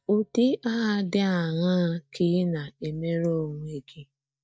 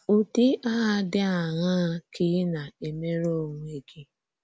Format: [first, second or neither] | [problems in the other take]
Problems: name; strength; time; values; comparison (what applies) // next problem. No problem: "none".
second | noise reduction (neural mask model DeepFilterNet 3)